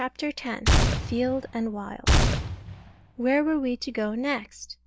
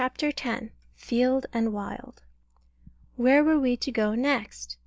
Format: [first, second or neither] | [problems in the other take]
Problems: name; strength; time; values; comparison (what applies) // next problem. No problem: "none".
second | background sound (Gunshot, gunfire); 5 dB above the speech